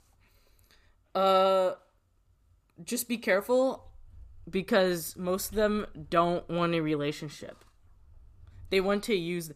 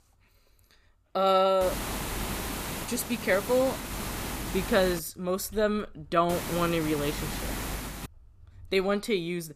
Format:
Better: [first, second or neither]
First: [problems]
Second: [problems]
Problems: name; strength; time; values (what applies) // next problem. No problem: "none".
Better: first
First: none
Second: hiss; loud; from 1.5 to 5 s and from 6.5 to 8 s; 7 dB below the speech